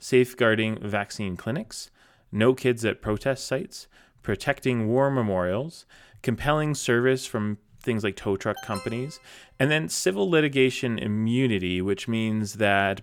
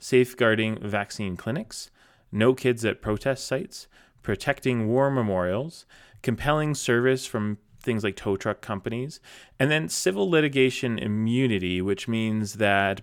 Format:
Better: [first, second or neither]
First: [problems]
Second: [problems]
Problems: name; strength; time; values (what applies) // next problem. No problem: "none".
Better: second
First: alarm; faint; at 8.5 s; peak 15 dB below the speech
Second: none